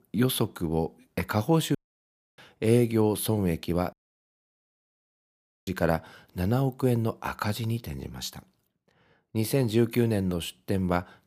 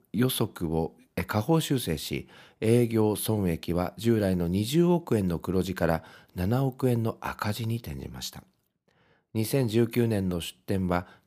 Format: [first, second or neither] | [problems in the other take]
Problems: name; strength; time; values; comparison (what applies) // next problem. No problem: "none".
second | audio cutting out; at 2 s for 0.5 s and at 4 s for 1.5 s